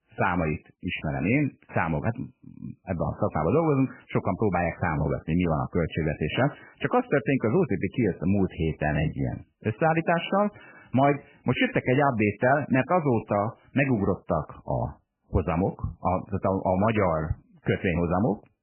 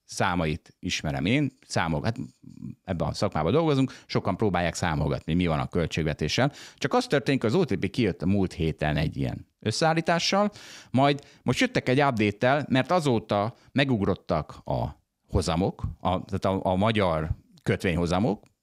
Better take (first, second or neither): second